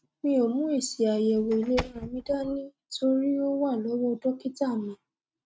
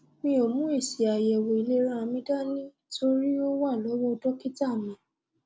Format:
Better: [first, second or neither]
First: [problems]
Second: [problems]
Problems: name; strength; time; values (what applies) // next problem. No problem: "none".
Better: second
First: noise reduction (neural mask model RNNoise)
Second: none